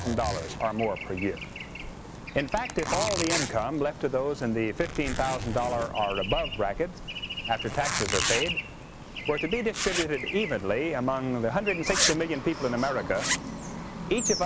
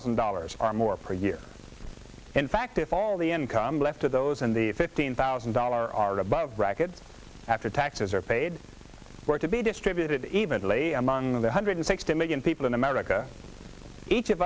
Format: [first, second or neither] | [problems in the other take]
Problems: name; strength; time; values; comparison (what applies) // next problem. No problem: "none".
second | background sound (Zipper (clothing) + Traffic noise, roadway noise / Bird); 4 dB below the speech